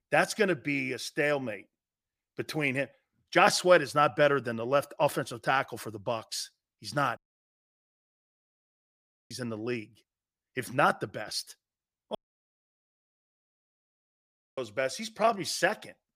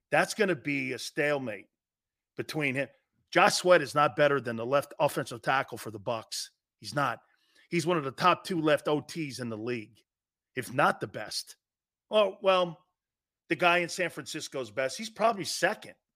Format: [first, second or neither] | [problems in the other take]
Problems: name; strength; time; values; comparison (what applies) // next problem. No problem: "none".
second | audio cutting out; at 7 s for 2 s and at 12 s for 2.5 s